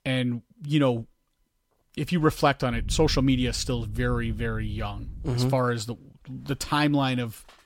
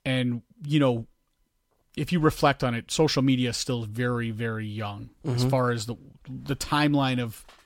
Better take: second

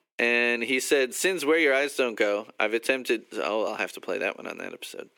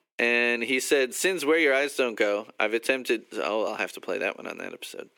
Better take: neither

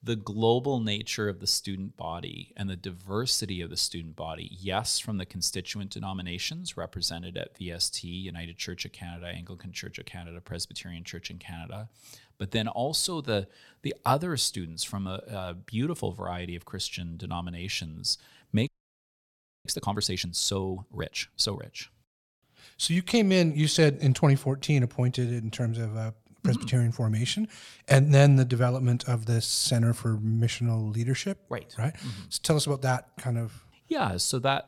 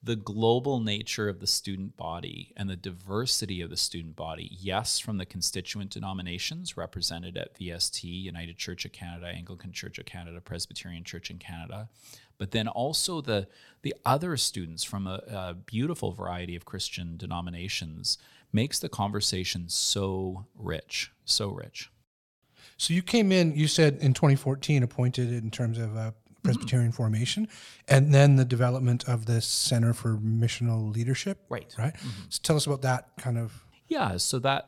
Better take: second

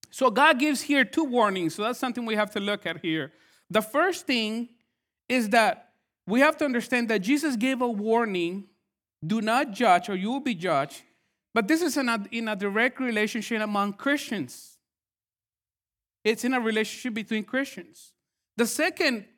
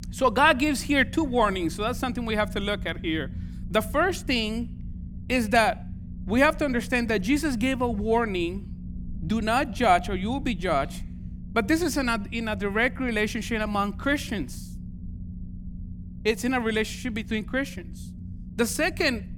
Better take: first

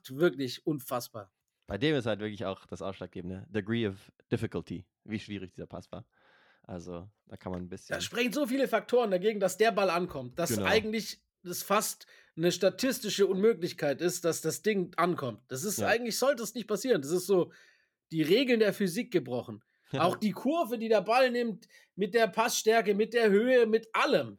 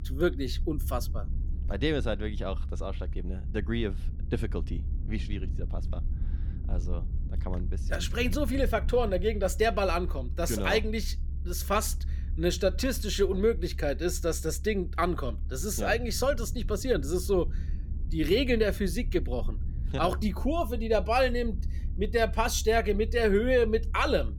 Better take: first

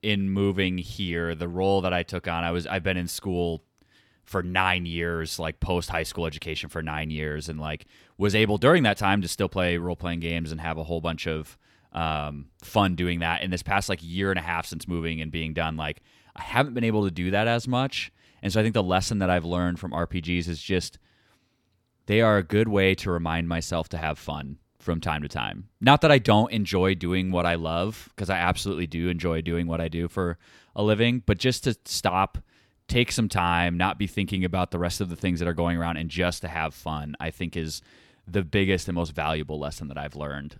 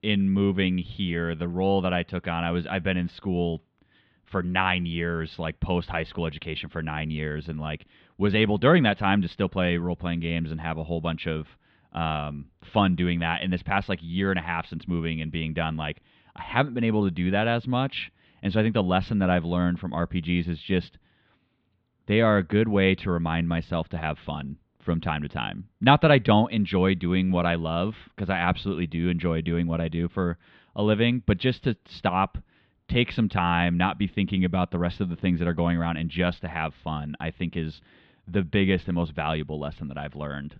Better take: first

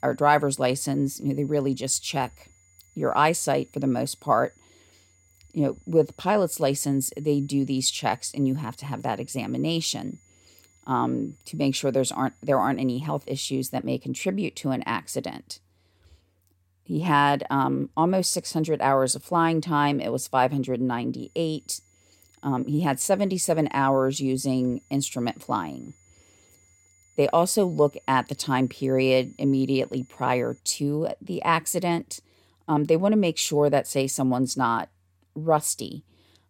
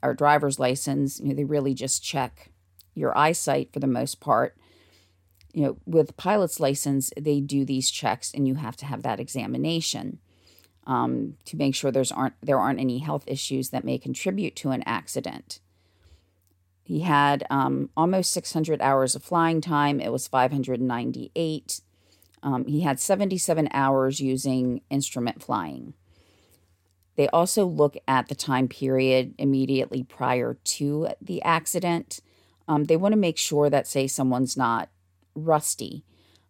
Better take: second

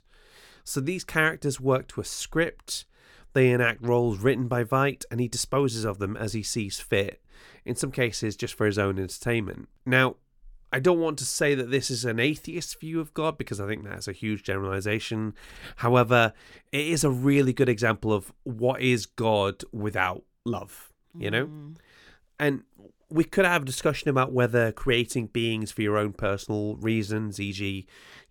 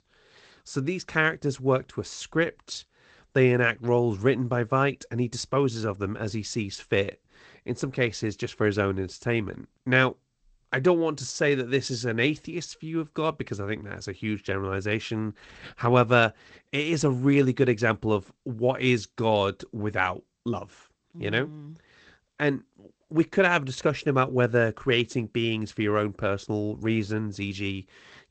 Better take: first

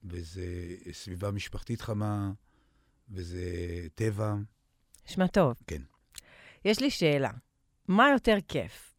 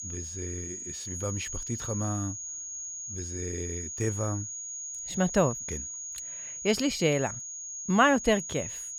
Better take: first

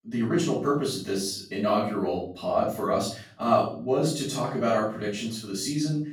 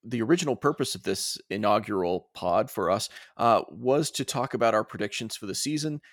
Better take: second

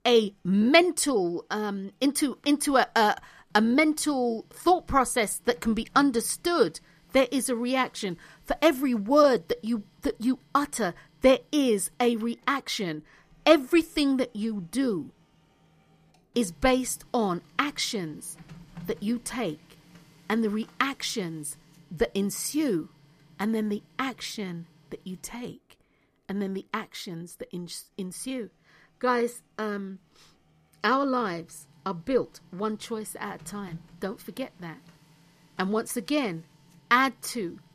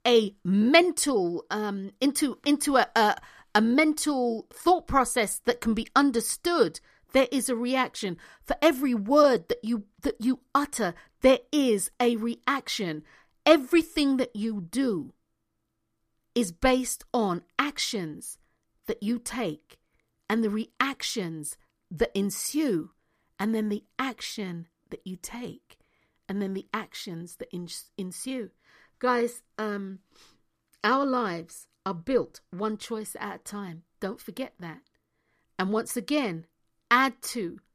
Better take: second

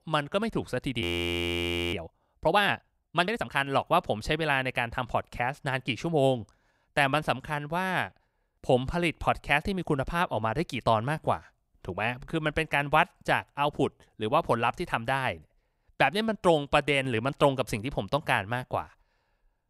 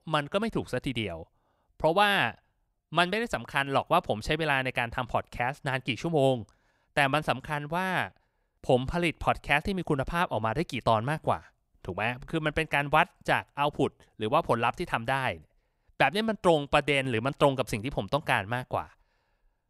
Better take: second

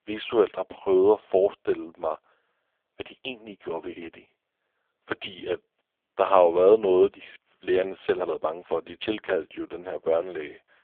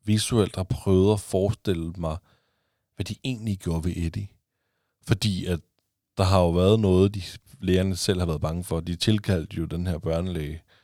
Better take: second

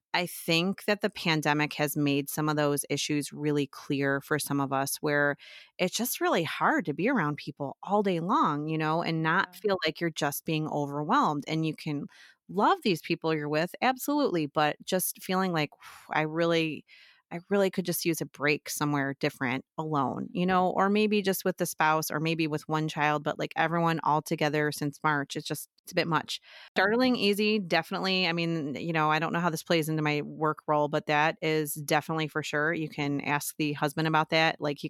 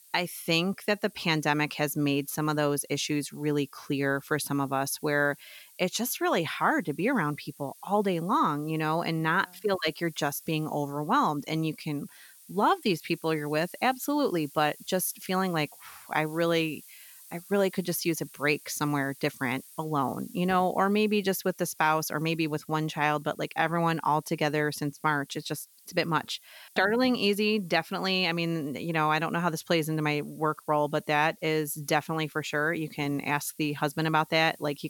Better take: first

